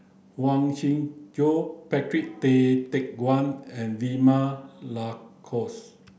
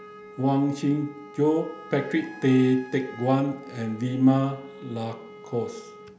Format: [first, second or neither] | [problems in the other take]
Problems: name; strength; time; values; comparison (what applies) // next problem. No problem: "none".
first | background sound (Wind instrument, woodwind instrument); 18 dB below the speech